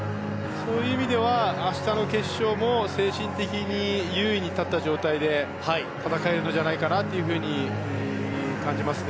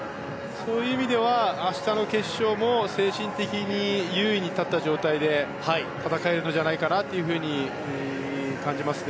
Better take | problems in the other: second | background sound (Guitar); 7 dB below the speech

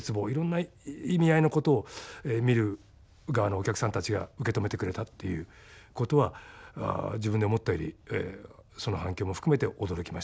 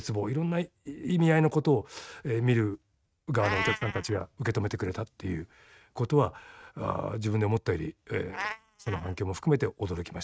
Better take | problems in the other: first | noise reduction (neural mask model RNNoise)

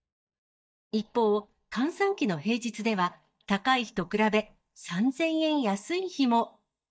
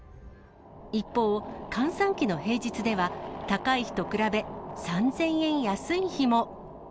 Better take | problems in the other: second | noise reduction (neural mask model DeepFilterNet 3)

